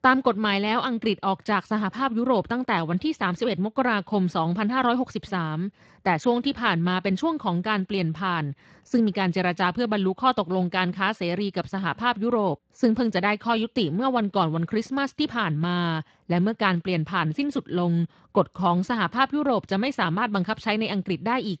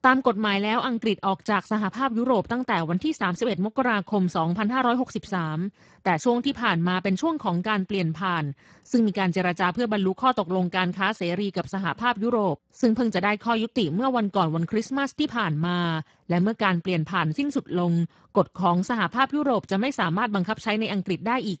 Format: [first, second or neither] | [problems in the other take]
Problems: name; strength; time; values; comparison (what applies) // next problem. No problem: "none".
first | garbled, watery; badly; nothing above 7.5 kHz; slightly in the first